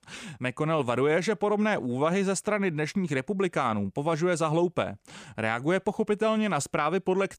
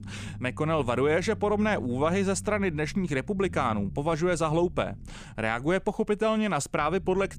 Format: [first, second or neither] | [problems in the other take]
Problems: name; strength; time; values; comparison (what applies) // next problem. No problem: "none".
first | low rumble; faint; throughout; 25 dB below the speech